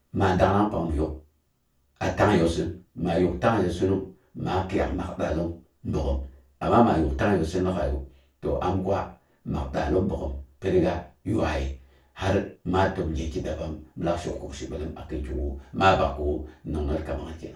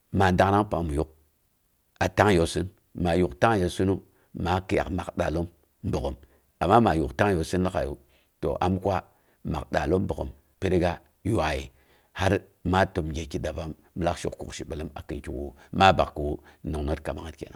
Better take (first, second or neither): second